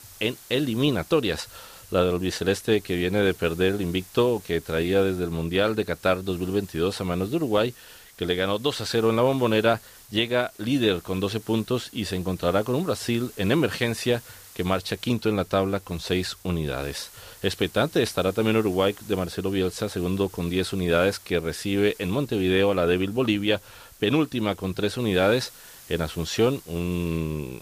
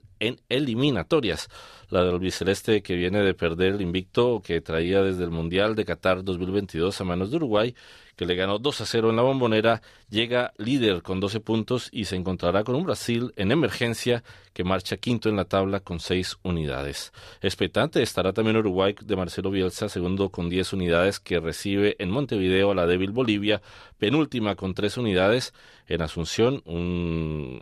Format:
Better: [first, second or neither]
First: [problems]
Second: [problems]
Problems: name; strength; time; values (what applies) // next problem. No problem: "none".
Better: second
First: hiss; faint; throughout; 20 dB below the speech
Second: none